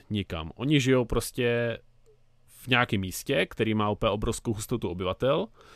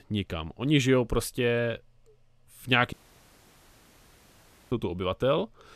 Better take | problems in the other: first | audio cutting out; at 3 s for 2 s

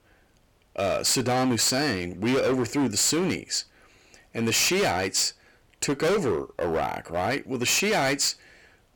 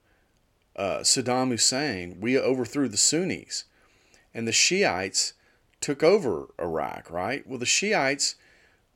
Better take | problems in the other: second | distortion; heavy; 16% of the sound clipped

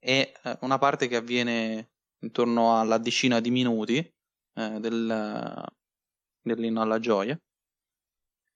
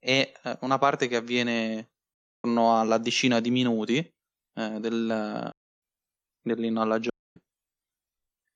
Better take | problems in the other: first | audio cutting out; at 2 s, at 5.5 s and at 7 s

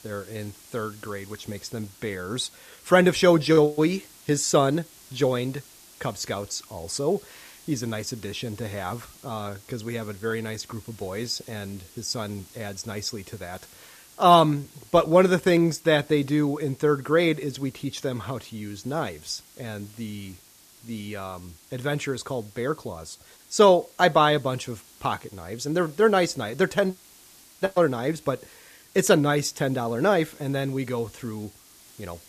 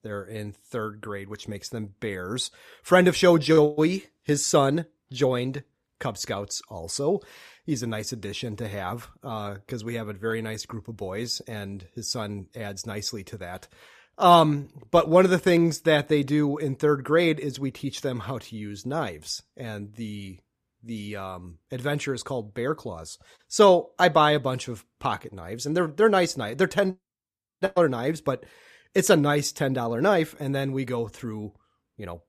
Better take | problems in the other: second | hiss; faint; throughout; 25 dB below the speech

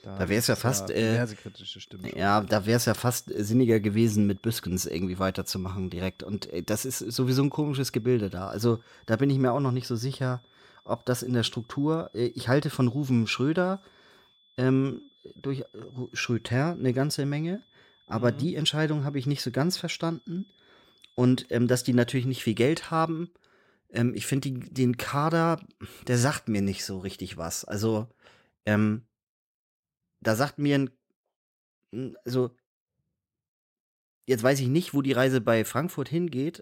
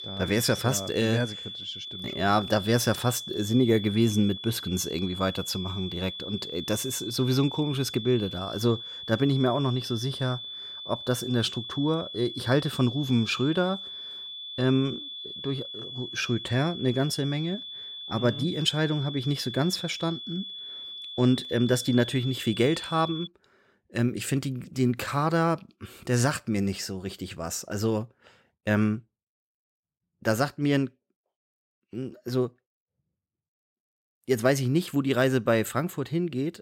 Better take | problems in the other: first | high-pitched whine; loud; until 23 s; 3.5 kHz, 9 dB below the speech; faint in the first

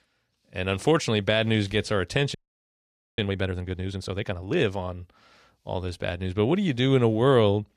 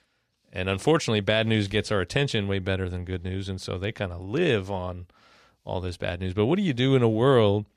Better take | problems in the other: second | audio freezing; at 2.5 s for 1 s

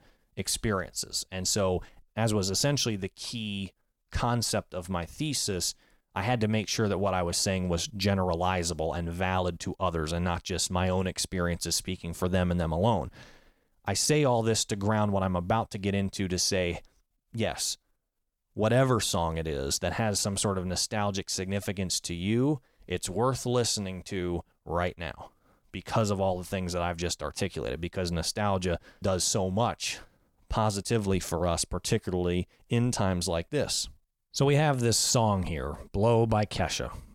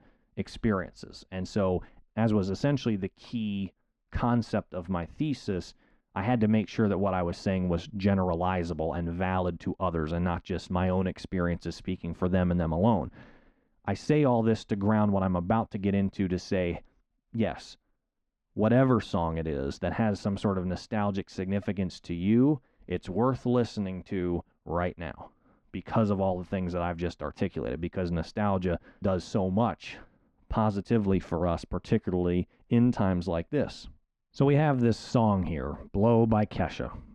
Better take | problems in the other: first | muffled; very; fading above 2 kHz

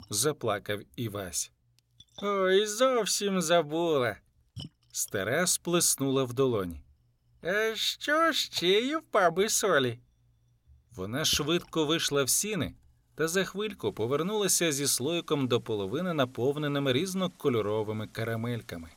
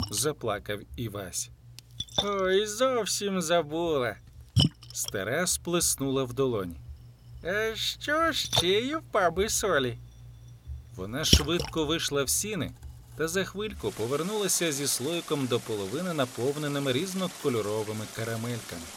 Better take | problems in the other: first | rain or running water; loud; throughout; 5 dB below the speech; faint in the first

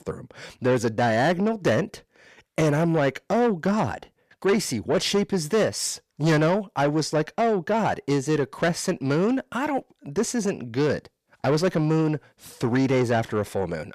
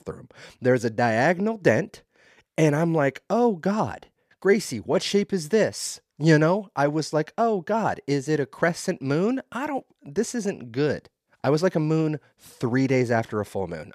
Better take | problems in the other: second | distortion; slight; 10 dB below the speech

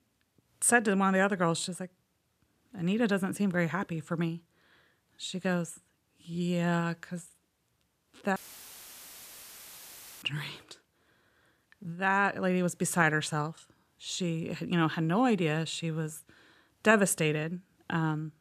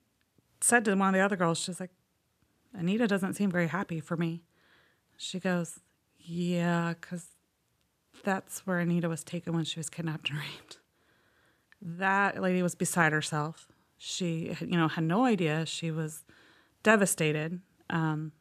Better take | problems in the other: second | audio cutting out; filled with static; at 8.5 s for 2 s

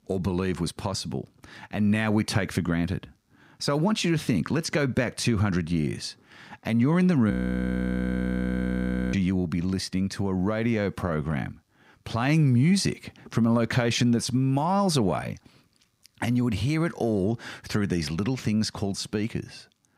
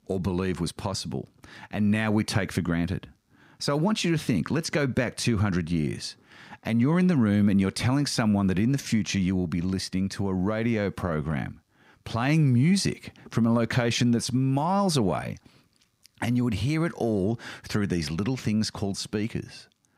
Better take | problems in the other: second | audio freezing; at 7.5 s for 2 s

